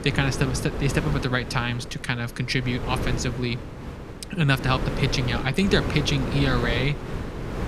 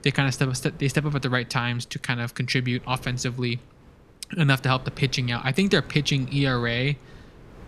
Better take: second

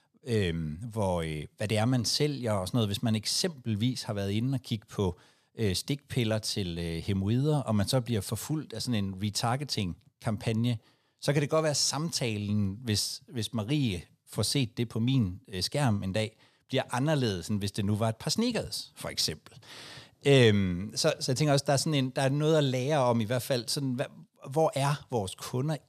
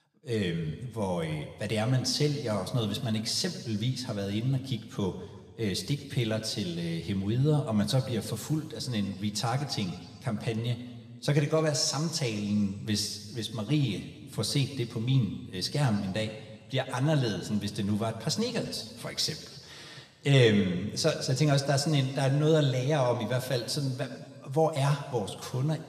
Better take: first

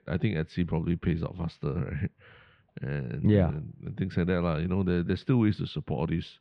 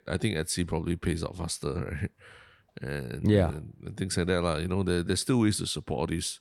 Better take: second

